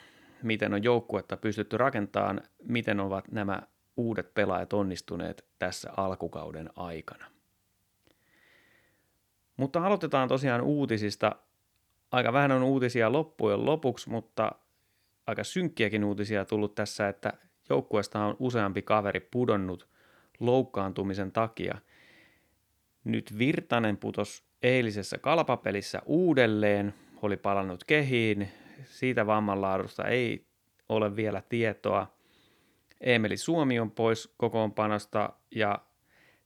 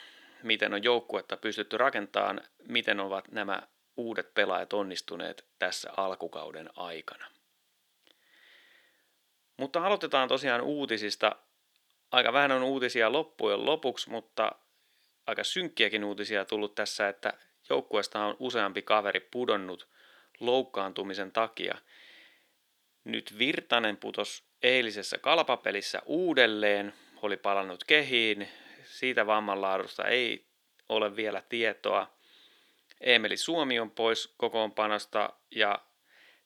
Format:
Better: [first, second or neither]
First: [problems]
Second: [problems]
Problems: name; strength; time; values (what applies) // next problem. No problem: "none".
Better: first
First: none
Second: thin; somewhat; fading below 350 Hz